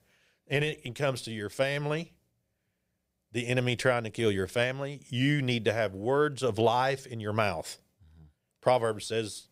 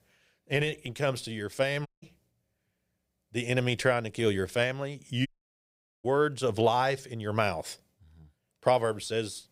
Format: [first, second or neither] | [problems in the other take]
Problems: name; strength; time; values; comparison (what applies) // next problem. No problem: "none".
first | audio cutting out; at 2 s and at 5.5 s for 1 s